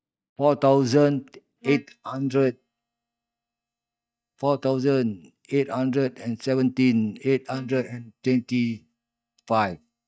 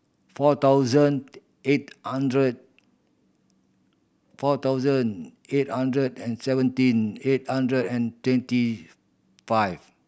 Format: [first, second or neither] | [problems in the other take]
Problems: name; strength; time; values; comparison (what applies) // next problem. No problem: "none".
second | noise reduction (neural mask model DeepFilterNet 3)